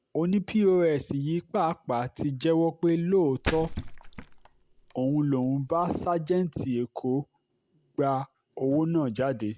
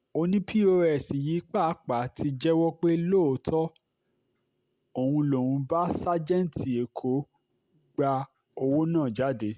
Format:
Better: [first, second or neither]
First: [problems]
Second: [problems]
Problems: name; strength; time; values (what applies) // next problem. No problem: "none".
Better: second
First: background sound (Splash, splatter); 12 dB below the speech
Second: none